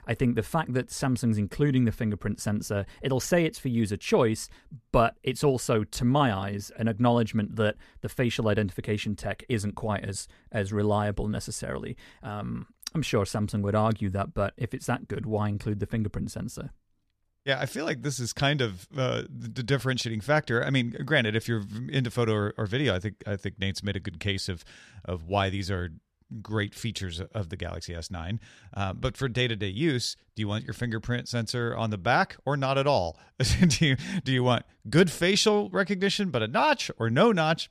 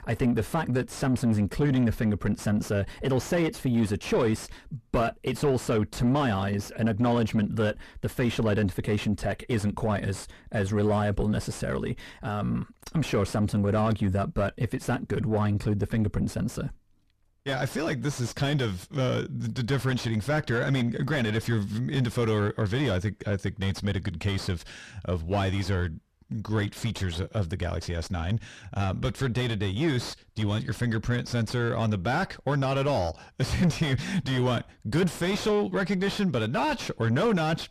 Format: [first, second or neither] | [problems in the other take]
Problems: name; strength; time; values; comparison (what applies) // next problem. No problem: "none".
first | distortion; heavy; 6 dB below the speech